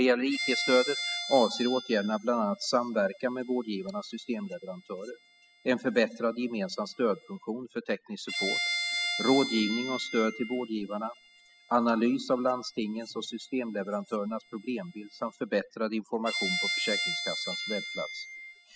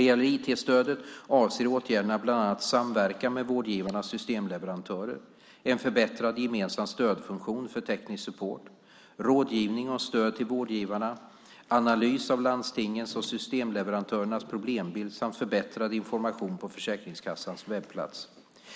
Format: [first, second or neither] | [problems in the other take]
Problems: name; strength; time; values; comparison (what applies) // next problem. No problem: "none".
second | noise reduction (classical method spectral subtraction)